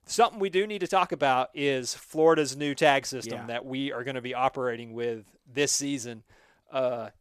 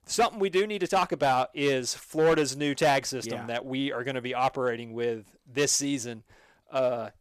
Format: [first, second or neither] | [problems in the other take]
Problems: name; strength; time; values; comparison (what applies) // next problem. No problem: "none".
first | distortion; slight; 4% of the sound clipped